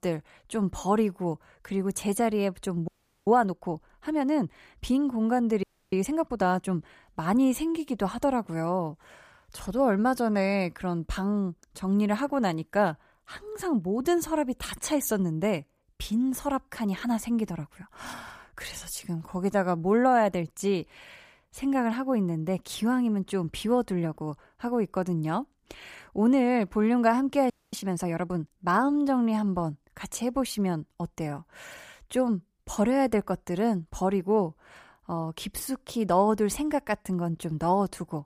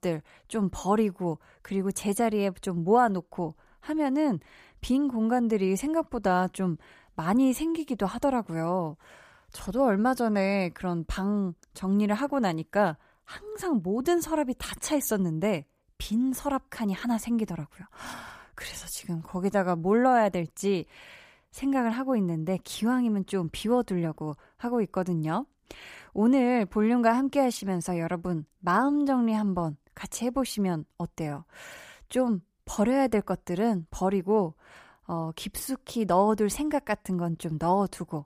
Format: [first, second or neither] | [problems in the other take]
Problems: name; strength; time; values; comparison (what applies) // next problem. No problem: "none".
second | audio freezing; at 3 s, at 5.5 s and at 28 s